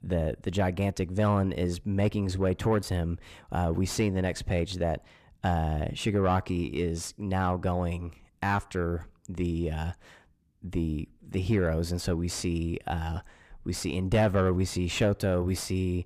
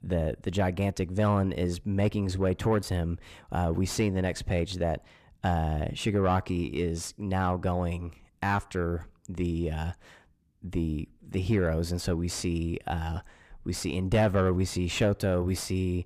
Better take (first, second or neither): neither